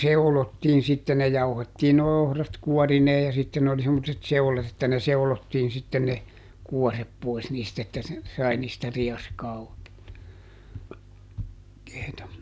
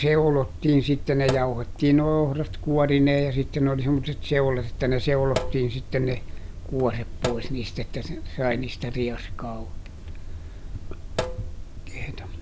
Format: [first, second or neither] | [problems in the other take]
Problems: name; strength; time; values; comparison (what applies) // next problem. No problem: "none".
first | background sound (Sink (filling or washing)); 7 dB below the speech